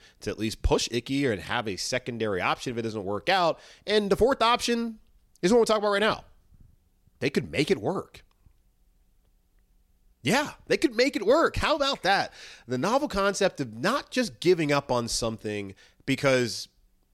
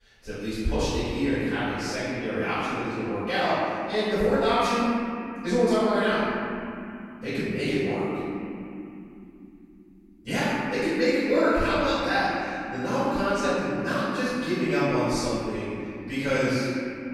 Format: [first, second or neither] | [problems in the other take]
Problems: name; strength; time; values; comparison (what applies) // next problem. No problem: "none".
first | room echo; strong; dies away in 3 s // off-mic speech; far